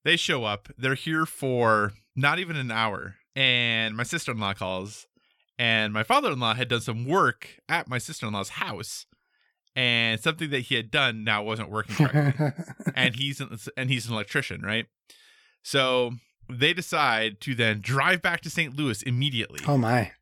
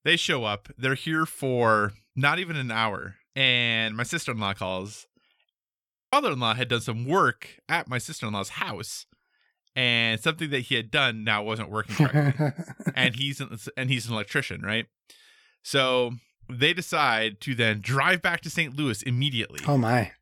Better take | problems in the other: first | audio freezing; at 5.5 s for 0.5 s

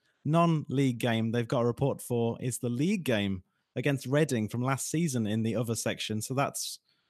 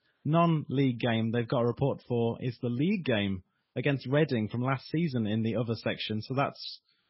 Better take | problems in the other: first | garbled, watery; badly; nothing above 5.5 kHz

